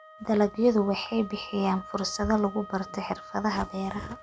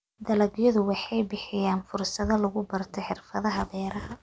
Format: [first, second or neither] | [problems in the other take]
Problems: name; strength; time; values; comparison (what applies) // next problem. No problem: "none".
second | background sound (Wind instrument, woodwind instrument); 17 dB below the speech